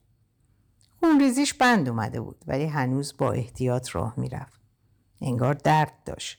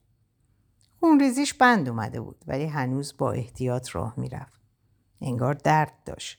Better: second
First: distortion; slight; 3% of the sound clipped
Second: none

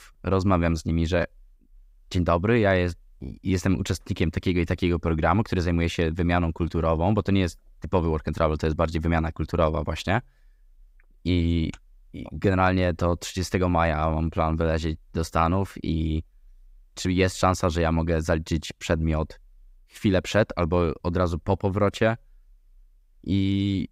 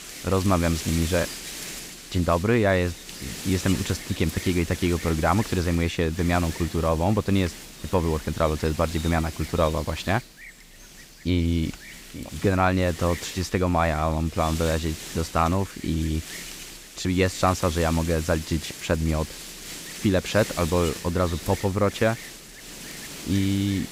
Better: first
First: none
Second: wind noise on the microphone; occasional gusts; 10 dB below the speech

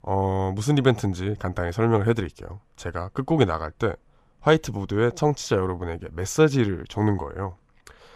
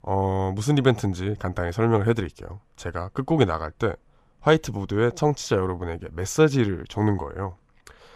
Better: neither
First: none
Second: none

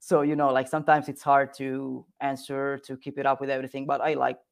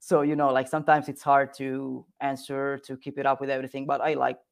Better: neither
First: none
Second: none

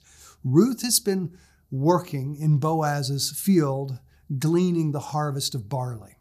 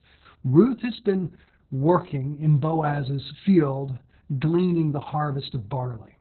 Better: first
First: none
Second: garbled, watery; badly; nothing above 4 kHz

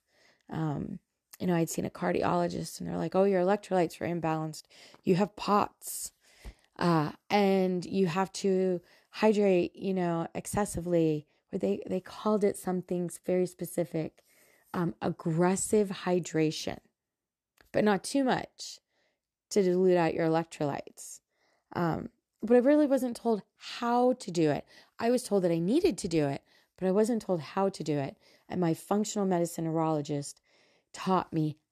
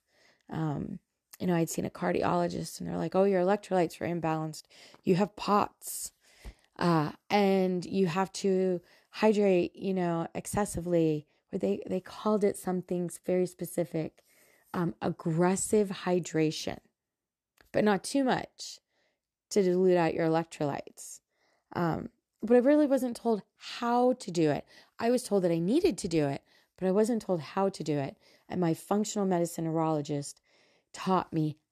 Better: neither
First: none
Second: none

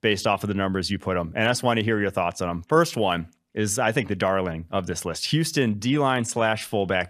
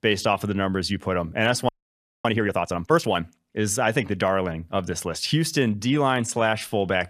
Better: first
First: none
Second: audio freezing; at 1.5 s for 0.5 s

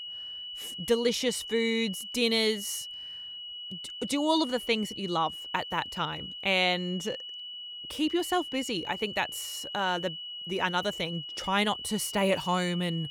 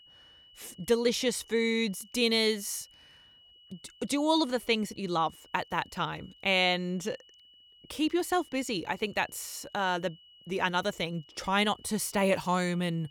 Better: second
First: high-pitched whine; loud; throughout; 3 kHz, 8 dB below the speech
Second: high-pitched whine; faint; throughout; 3 kHz, 25 dB below the speech

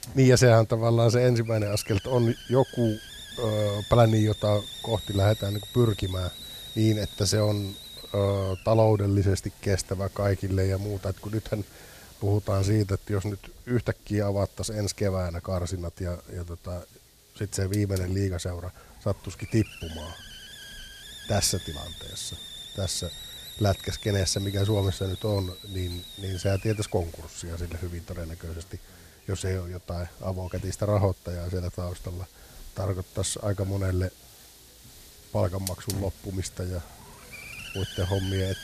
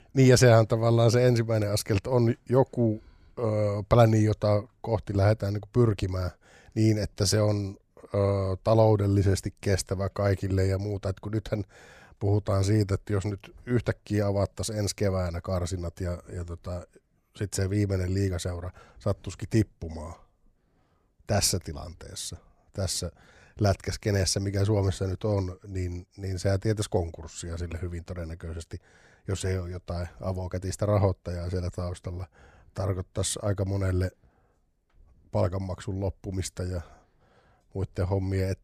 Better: second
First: hiss; noticeable; throughout; 15 dB below the speech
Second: none

